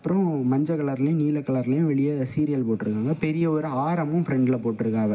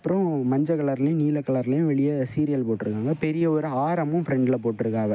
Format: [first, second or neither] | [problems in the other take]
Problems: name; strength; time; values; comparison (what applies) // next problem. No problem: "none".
second | room echo; dies away in 0.3 s